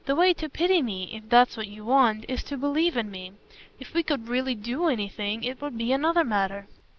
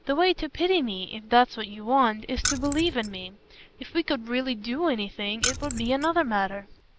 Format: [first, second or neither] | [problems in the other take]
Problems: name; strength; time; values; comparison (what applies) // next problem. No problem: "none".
first | background sound (Keys jangling); 6 dB below the speech